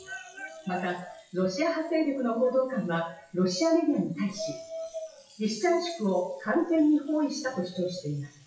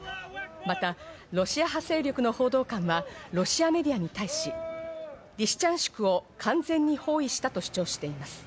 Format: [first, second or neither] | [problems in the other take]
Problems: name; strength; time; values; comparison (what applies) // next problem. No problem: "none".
second | noise reduction (classical method WPE with log-MMSE)